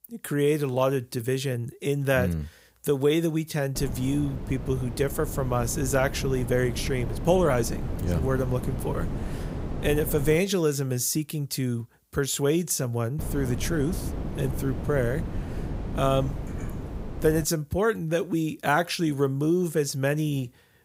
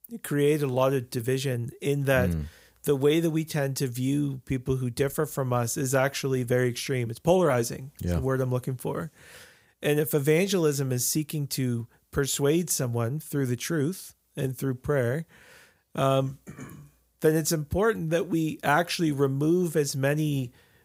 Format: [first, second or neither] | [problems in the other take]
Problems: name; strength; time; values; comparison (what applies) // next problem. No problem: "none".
second | wind noise on the microphone; occasional gusts; from 4 to 10 s and from 13 to 17 s; 15 dB below the speech